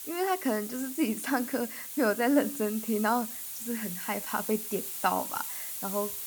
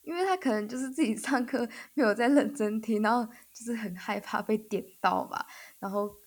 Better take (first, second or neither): second